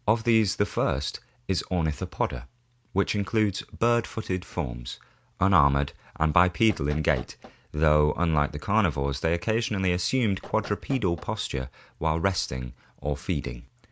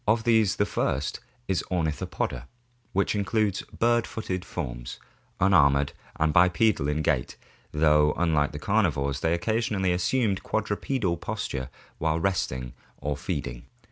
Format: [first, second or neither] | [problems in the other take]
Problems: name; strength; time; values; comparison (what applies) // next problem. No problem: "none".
second | background sound (Knock); 19 dB below the speech